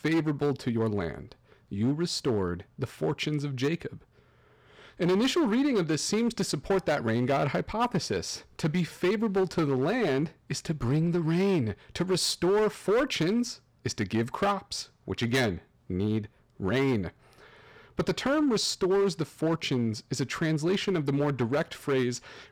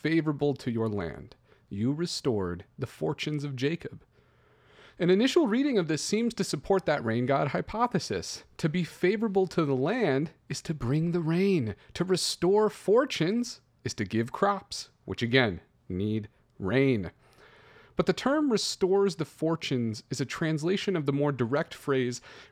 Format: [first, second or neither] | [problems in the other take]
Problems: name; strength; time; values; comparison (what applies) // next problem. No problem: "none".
second | distortion; slight; 8% of the sound clipped